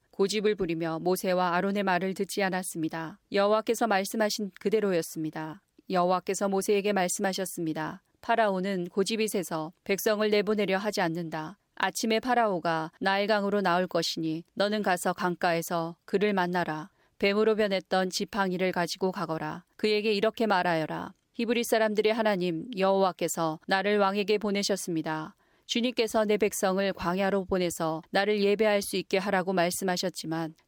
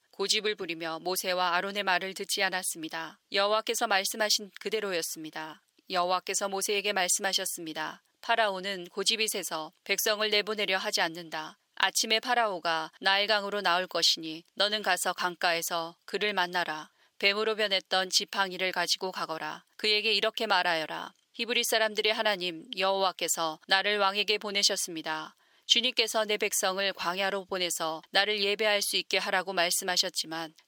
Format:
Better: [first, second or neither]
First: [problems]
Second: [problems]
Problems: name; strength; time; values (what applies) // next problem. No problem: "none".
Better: first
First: none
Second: thin; somewhat; fading below 1 kHz